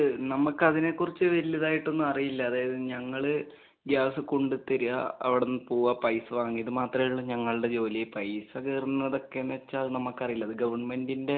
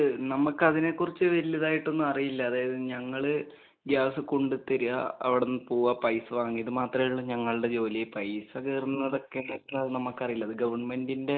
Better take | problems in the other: first | noise reduction (neural mask model Resemble Enhance denoiser)

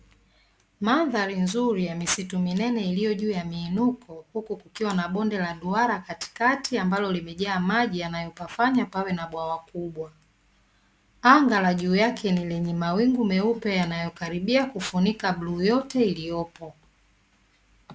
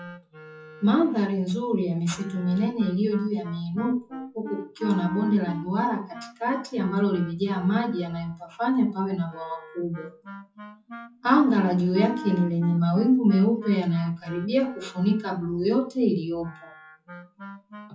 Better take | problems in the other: first | noise reduction (classical method WPE with log-MMSE)

